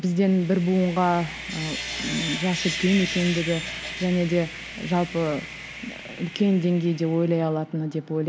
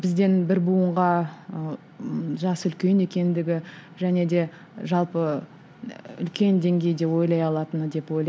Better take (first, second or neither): second